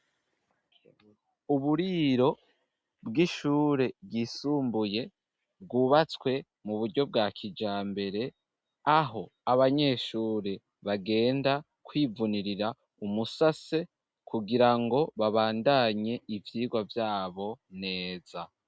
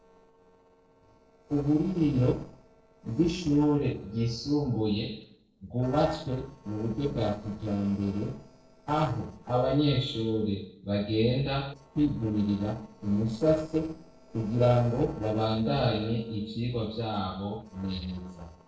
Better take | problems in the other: first | noise reduction (neural separator model SepFormer DNS4)

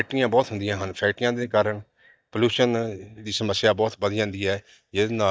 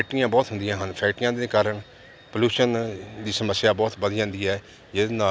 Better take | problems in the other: second | noise reduction (neural mask model DeepFilterNet 3)

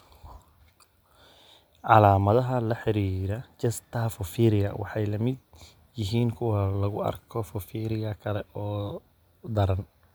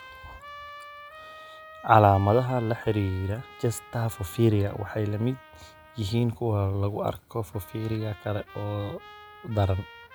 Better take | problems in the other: first | background sound (Trumpet); 20 dB below the speech

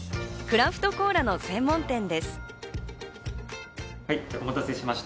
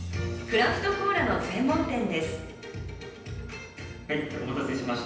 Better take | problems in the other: first | room echo; dies away in 0.9 s

